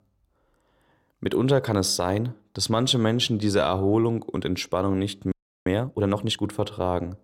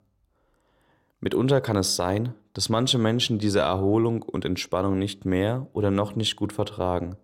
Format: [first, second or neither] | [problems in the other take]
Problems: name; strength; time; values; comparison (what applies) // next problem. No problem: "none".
second | audio freezing; at 5.5 s